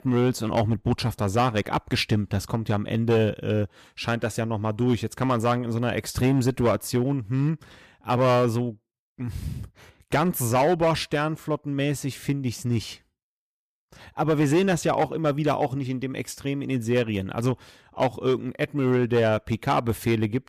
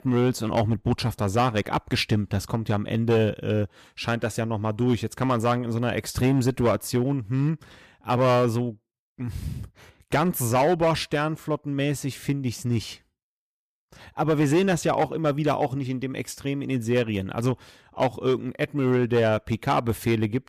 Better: neither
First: distortion; slight; 4% of the sound clipped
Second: distortion; slight; 4% of the sound clipped

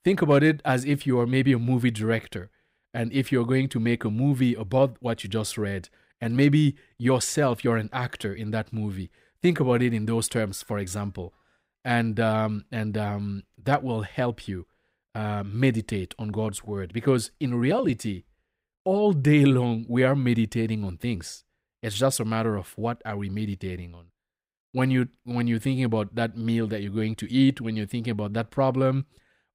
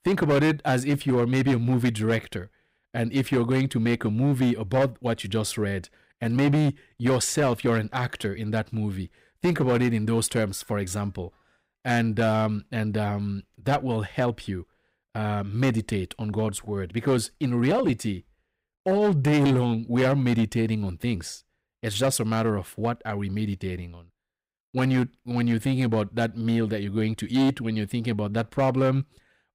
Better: first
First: none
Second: distortion; slight; 7% of the sound clipped

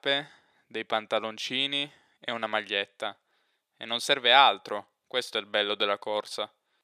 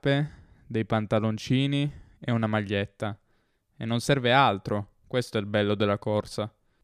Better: second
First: thin; very; fading below 550 Hz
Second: none

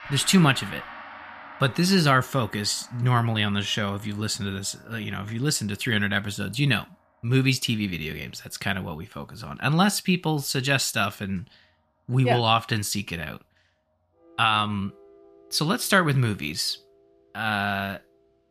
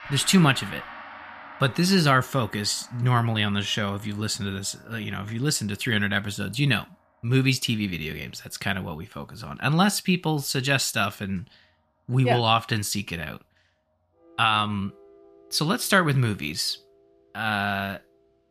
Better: neither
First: background music; faint; throughout; 20 dB below the speech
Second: background music; faint; throughout; 20 dB below the speech

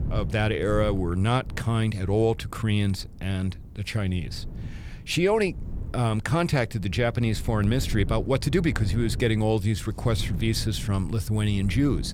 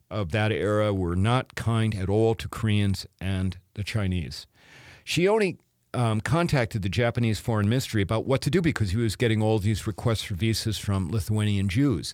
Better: second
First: wind noise on the microphone; occasional gusts; 20 dB below the speech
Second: none

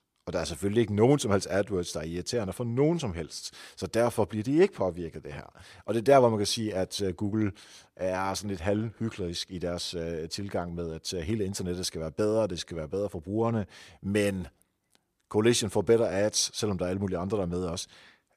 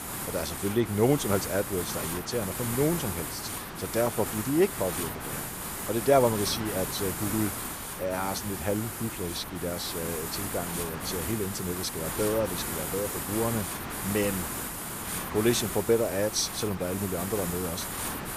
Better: first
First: none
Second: hiss; loud; throughout; 4 dB below the speech

